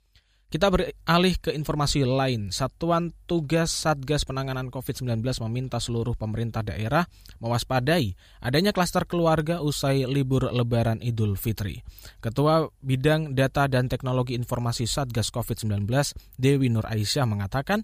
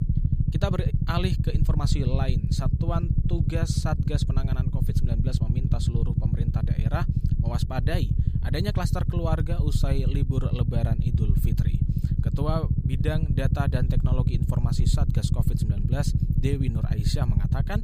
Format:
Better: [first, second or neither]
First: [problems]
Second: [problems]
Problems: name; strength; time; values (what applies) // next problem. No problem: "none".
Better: first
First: none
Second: low rumble; loud; throughout; 2 dB below the speech